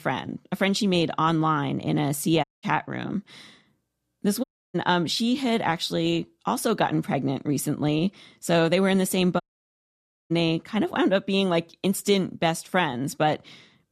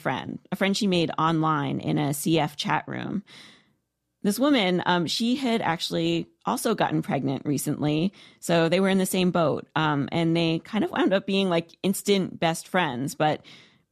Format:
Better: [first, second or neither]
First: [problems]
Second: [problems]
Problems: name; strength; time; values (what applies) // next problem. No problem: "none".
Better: second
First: audio cutting out; at 2.5 s, at 4.5 s and at 9.5 s for 1 s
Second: none